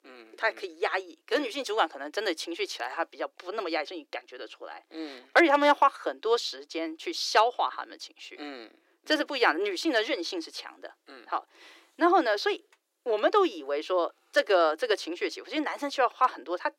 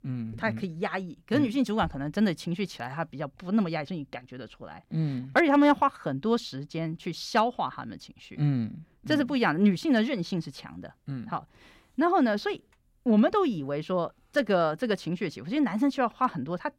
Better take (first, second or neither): second